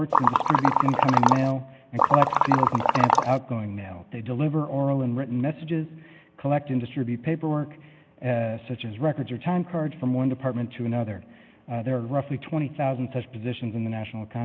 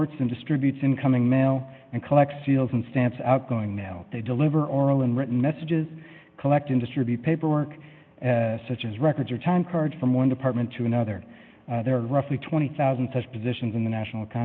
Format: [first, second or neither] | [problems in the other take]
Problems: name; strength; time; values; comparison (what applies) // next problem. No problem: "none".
second | background sound (Liquid); 5 dB above the speech